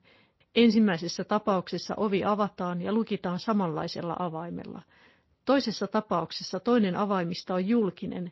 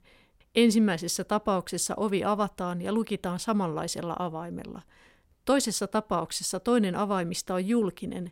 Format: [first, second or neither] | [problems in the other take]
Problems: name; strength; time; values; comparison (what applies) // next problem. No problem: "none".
second | garbled, watery; slightly